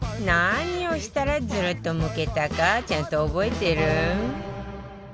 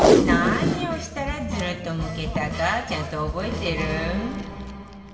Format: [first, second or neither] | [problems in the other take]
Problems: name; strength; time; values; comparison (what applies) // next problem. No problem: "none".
first | background sound (Packing tape, duct tape); 1 dB above the speech // room echo; dies away in 2.2 s